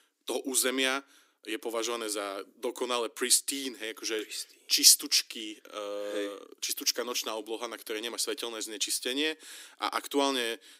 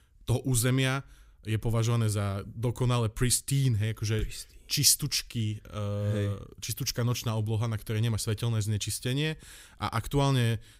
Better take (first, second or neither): second